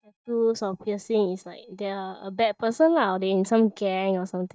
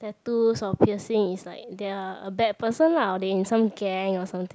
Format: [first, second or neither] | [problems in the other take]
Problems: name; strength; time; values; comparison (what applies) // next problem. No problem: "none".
second | noise reduction (neural mask model DeepFilterNet 3)